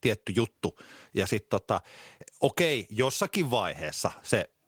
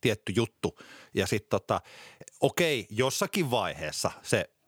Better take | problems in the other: second | garbled, watery; slightly

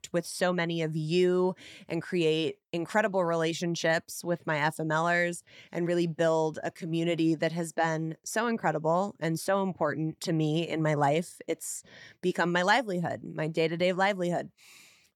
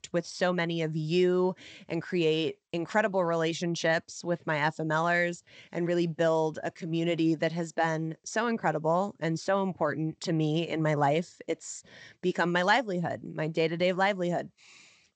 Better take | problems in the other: first | garbled, watery; slightly; nothing above 8 kHz

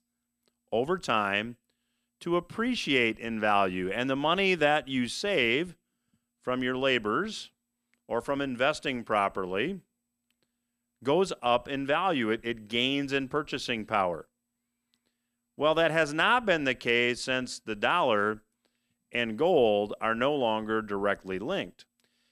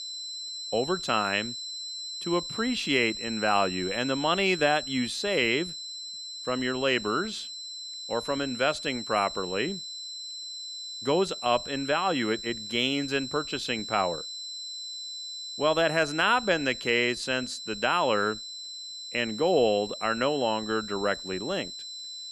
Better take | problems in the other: first | high-pitched whine; loud; throughout; 4 kHz, 8 dB below the speech

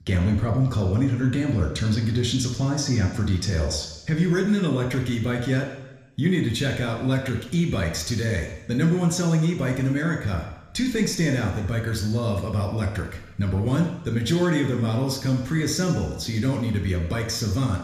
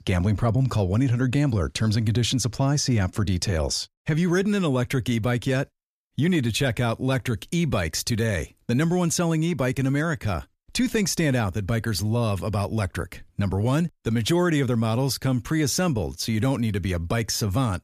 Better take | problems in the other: second | room echo; slight; dies away in 1 s

